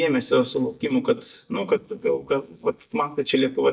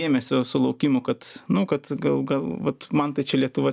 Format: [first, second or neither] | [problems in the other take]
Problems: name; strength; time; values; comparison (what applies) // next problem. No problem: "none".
second | noise reduction (neural mask model DeepFilterNet 3)